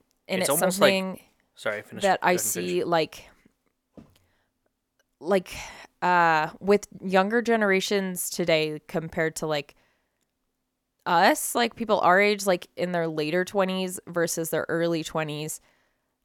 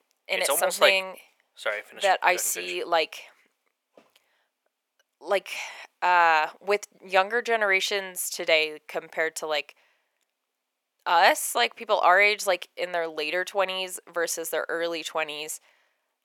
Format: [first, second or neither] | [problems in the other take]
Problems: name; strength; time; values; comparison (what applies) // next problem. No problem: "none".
first | thin; very; fading below 600 Hz